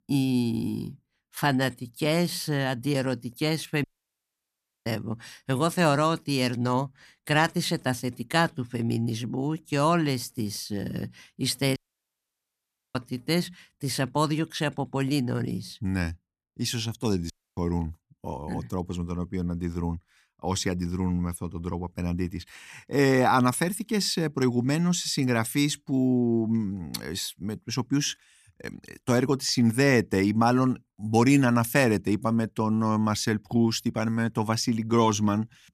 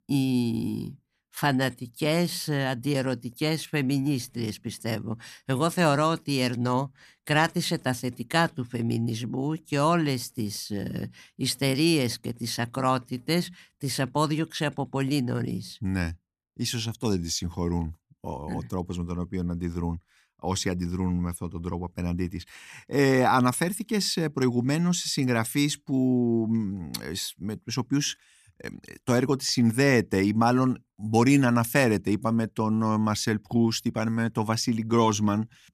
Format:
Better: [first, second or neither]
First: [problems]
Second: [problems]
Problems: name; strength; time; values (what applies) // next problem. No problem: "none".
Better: second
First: audio cutting out; at 4 s for 1 s, at 12 s for 1 s and at 17 s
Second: none